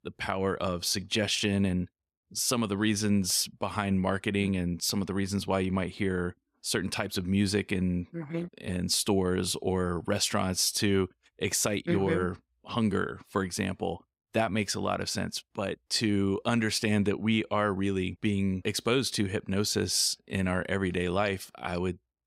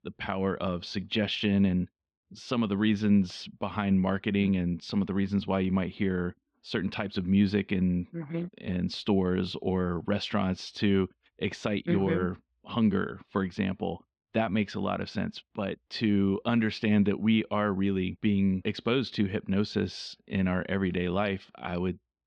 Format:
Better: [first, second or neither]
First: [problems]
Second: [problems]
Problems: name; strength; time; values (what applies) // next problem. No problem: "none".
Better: first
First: none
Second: muffled; slightly; fading above 3.5 kHz